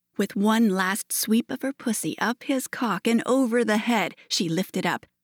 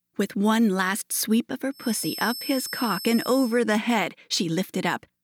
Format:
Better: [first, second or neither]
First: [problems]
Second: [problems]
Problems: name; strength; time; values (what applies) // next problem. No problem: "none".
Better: first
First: none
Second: high-pitched whine; loud; from 2 to 3.5 s; 5.5 kHz, 9 dB below the speech